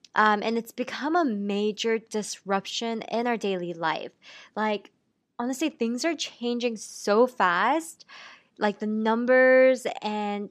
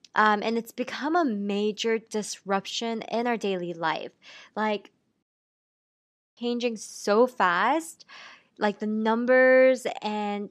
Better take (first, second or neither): first